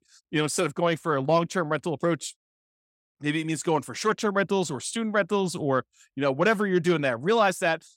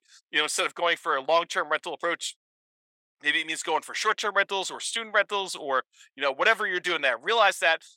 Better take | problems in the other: first | thin; very; fading below 700 Hz

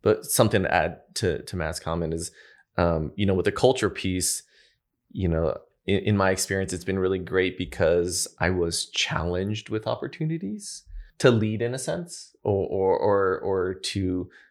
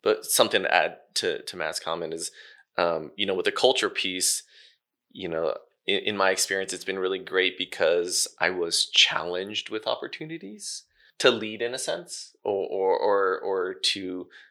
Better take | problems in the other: first | thin; somewhat; fading below 400 Hz

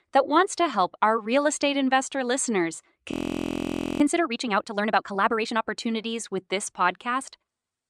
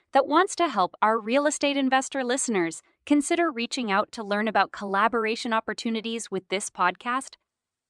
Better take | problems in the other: second | audio freezing; at 3 s for 1 s

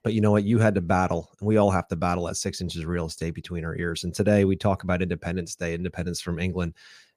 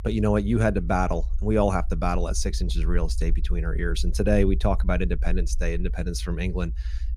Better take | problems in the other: first | low rumble; faint; throughout; 25 dB below the speech

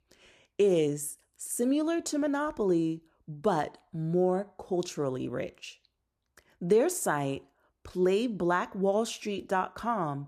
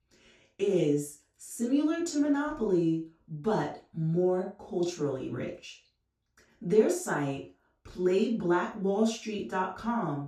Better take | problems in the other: first | room echo; noticeable; dies away in 0.3 s // off-mic speech; far

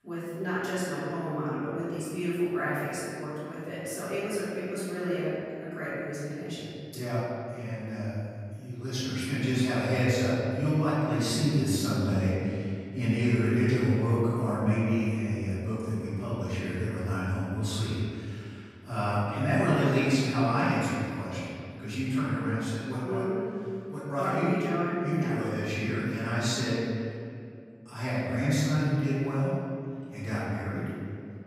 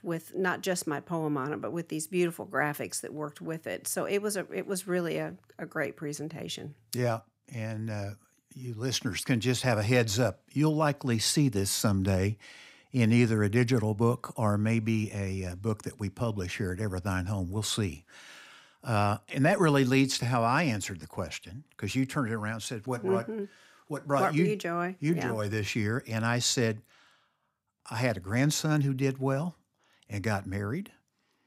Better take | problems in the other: second | off-mic speech; far // room echo; strong; dies away in 2.3 s

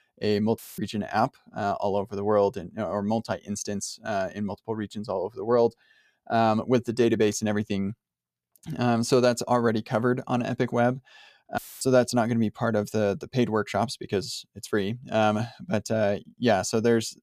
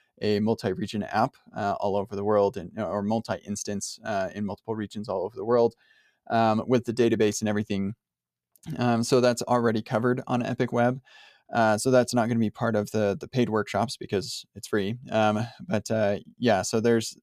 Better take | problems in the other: second | audio cutting out; filled with static; at 0.5 s and at 12 s

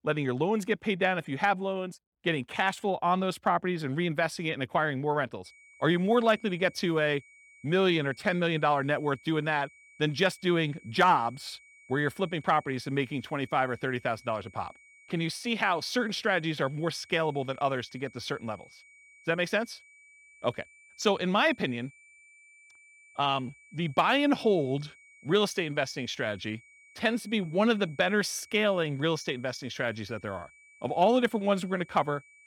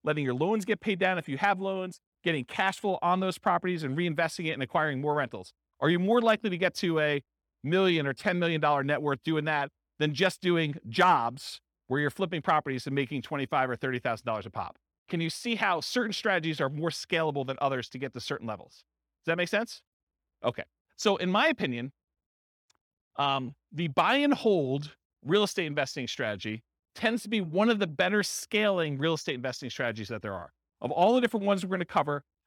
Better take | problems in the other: second | high-pitched whine; faint; from 5.5 s on; 2.5 kHz, 25 dB below the speech

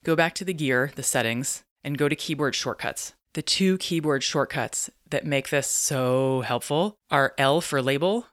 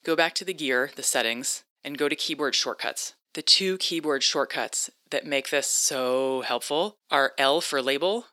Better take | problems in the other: first | thin; very slightly; fading below 300 Hz

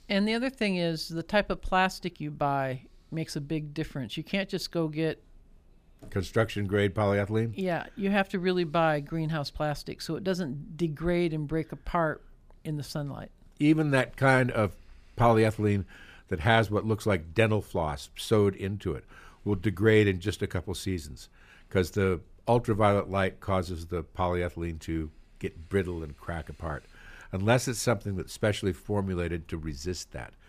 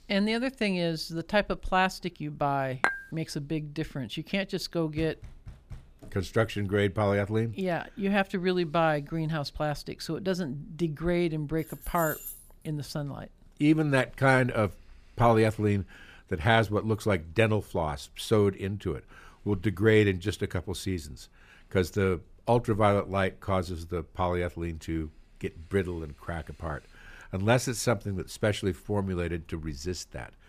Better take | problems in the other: first | clattering dishes; noticeable; at 3 s; peak level with the speech // door banging; faint; at 5 s; peak 15 dB below the speech // jangling keys; noticeable; at 12 s; peak 8 dB below the speech

